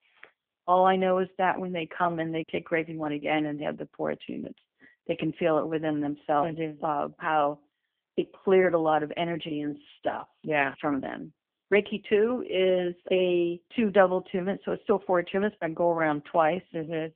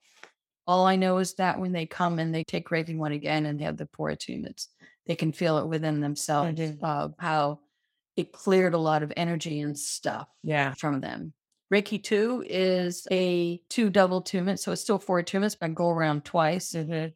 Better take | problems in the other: second | phone-call audio

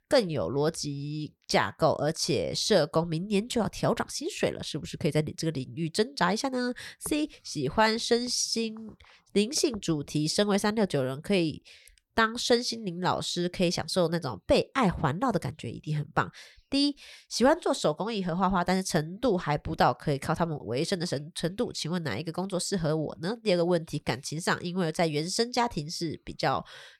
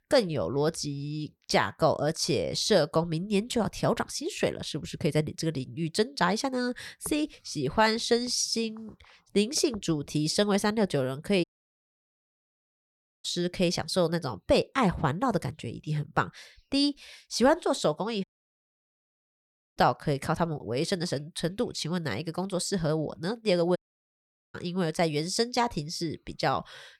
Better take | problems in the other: first | audio cutting out; at 11 s for 2 s, at 18 s for 1.5 s and at 24 s for 1 s

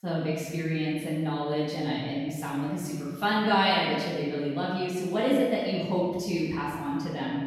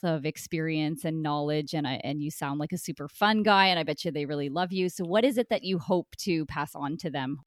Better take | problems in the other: second | off-mic speech; far // room echo; strong; dies away in 1.2 s

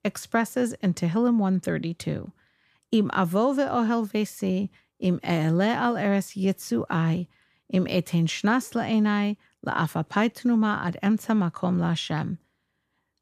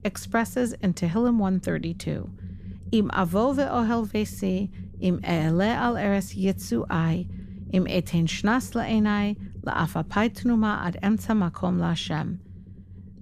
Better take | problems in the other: first | low rumble; faint; throughout; 20 dB below the speech

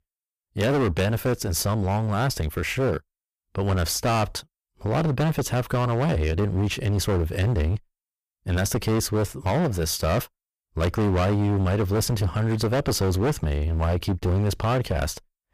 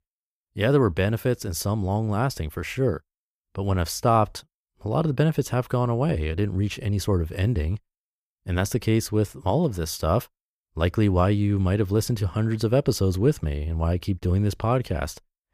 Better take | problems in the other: second | distortion; heavy; 23% of the sound clipped

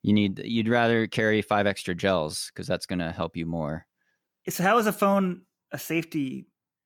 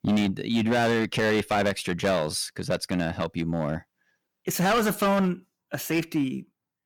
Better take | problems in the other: first | distortion; heavy; 10% of the sound clipped

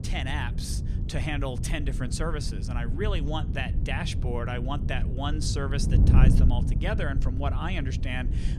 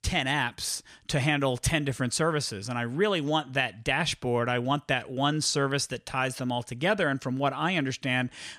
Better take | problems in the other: second | wind noise on the microphone; heavy; 7 dB below the speech

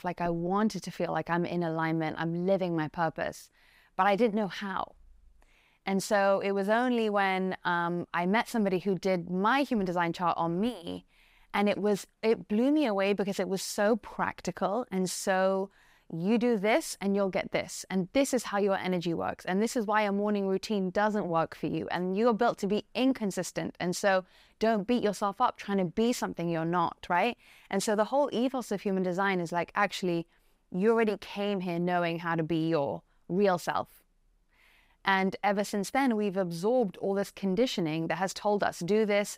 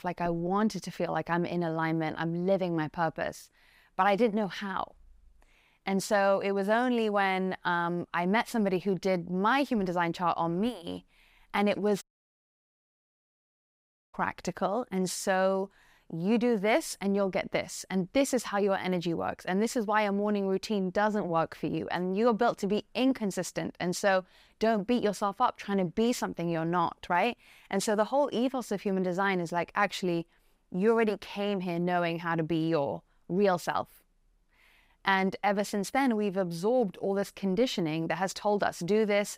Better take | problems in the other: first | audio cutting out; at 12 s for 2 s

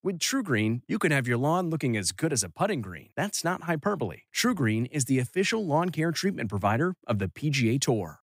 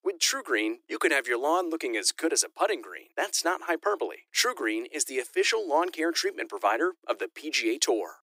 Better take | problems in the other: first | thin; very; fading below 300 Hz

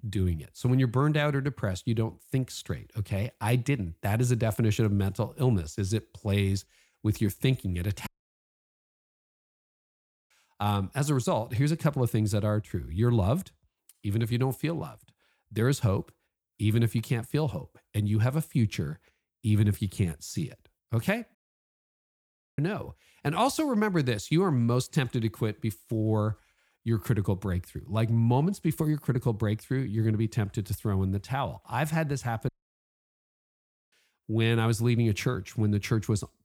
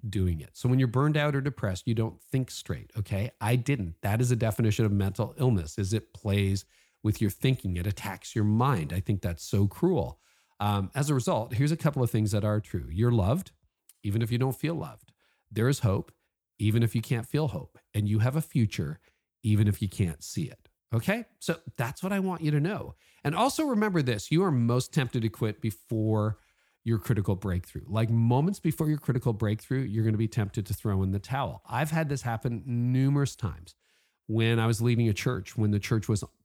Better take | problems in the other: second | audio cutting out; at 8 s for 2 s, at 21 s for 1 s and at 32 s for 1.5 s

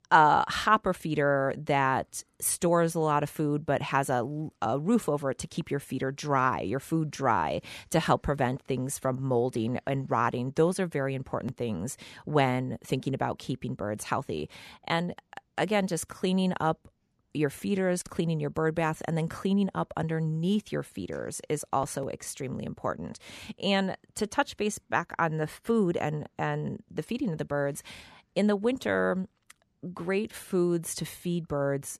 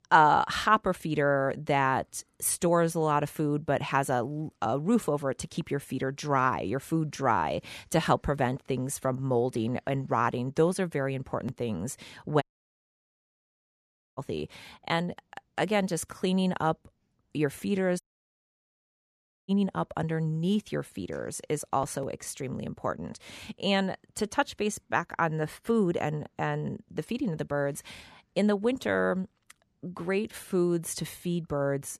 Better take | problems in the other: first | audio cutting out; at 12 s for 2 s and at 18 s for 1.5 s

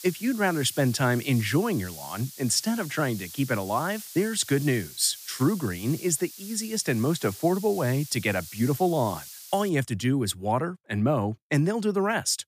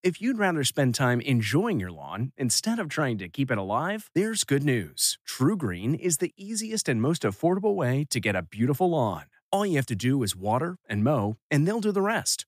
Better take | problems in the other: second | hiss; noticeable; until 9.5 s; 15 dB below the speech

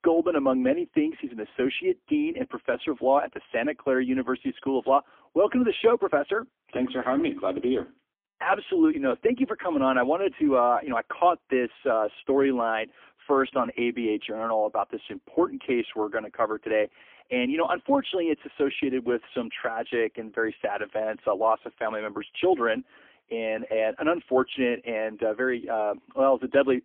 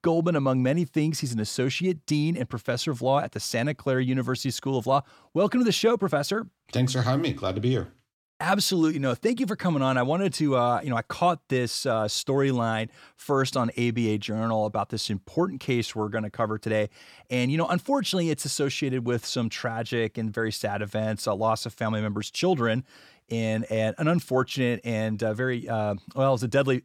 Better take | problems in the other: second | phone-call audio; poor line; nothing above 3.5 kHz

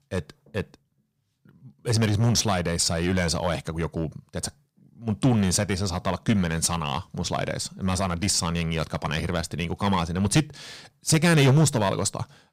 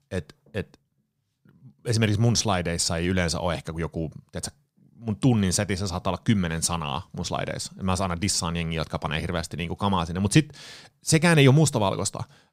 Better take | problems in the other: second | distortion; slight; 4% of the sound clipped

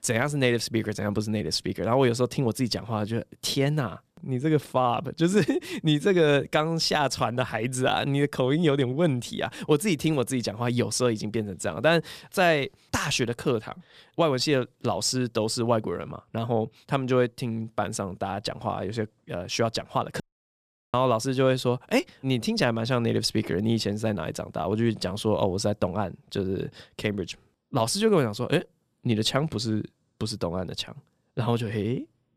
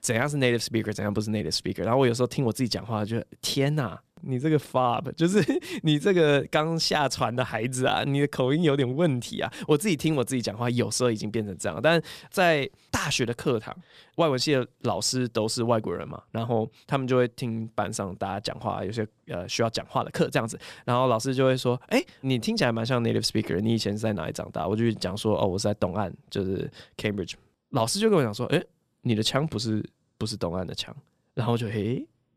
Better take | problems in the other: second | audio cutting out; at 20 s for 0.5 s

